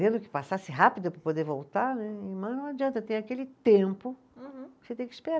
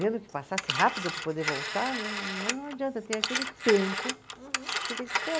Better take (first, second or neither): first